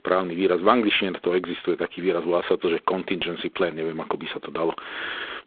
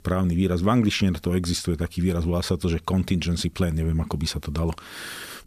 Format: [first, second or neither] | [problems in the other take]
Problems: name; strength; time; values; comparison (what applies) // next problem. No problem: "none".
second | phone-call audio; poor line